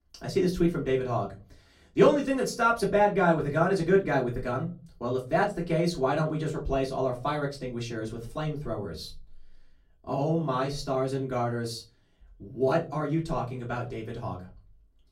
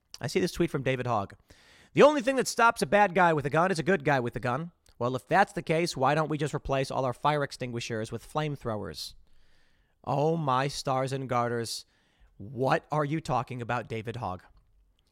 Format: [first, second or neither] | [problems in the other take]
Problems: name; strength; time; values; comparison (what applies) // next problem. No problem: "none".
second | off-mic speech; far // room echo; very slight; dies away in 0.3 s